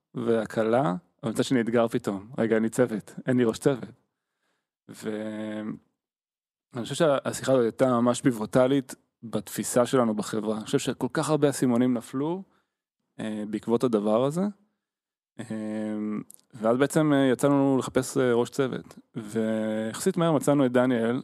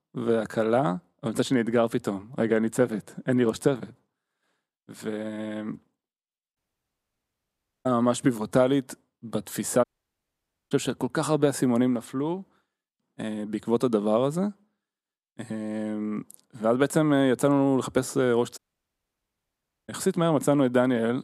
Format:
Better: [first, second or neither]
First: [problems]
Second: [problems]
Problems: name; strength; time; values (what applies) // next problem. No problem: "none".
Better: first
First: none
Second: audio cutting out; at 6.5 s for 1.5 s, at 10 s for 1 s and at 19 s for 1.5 s